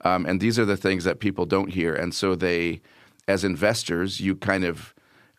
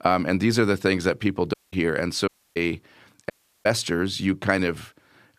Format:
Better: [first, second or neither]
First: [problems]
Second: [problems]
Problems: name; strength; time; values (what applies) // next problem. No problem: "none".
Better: first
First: none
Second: audio cutting out; at 1.5 s, at 2.5 s and at 3.5 s